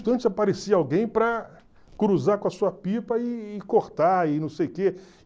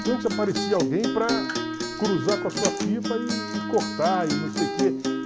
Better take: first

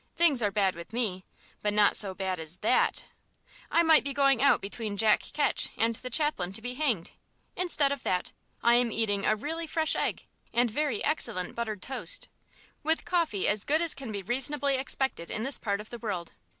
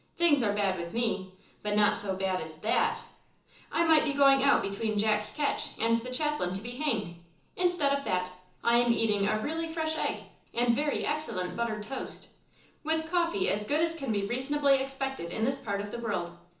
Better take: first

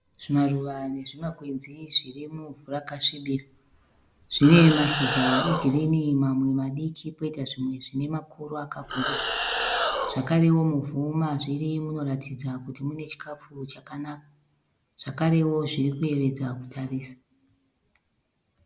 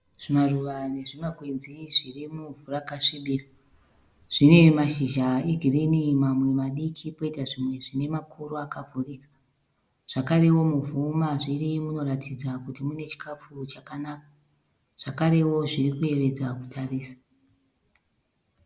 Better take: second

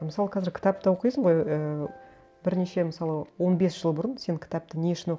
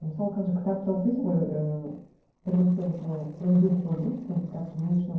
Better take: first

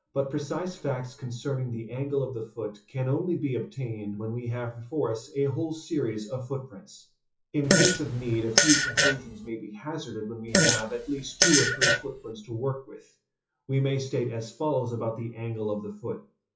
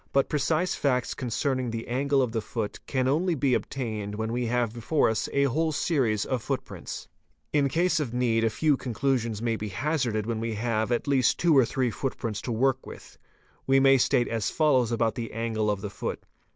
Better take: second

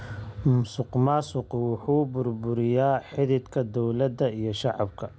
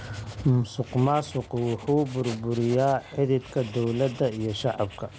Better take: first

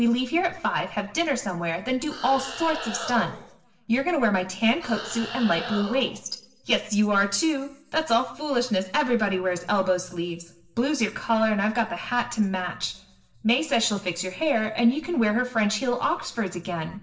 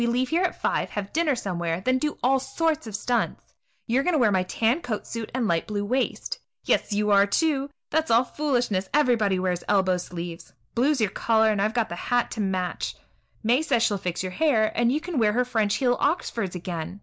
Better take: second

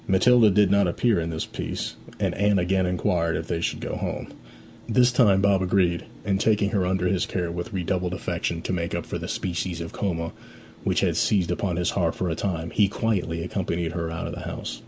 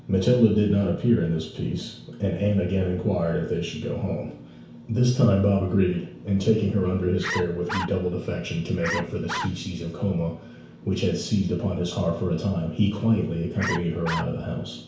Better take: first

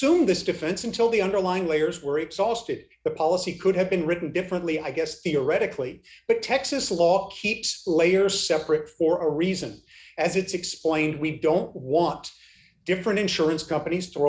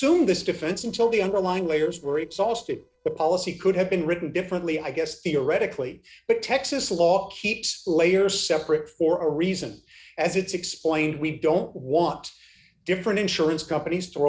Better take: first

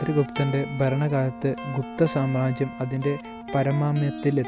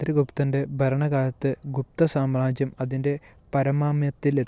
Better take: second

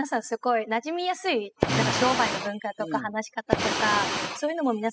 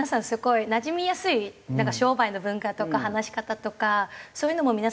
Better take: second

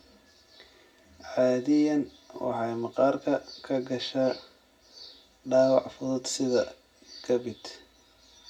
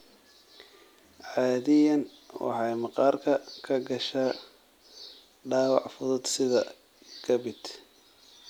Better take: second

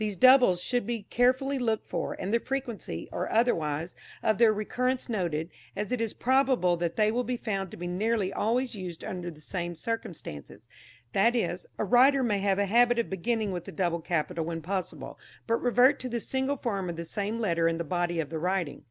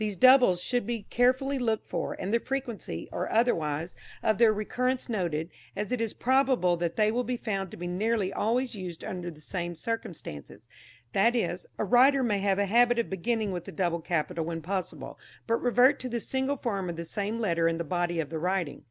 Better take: first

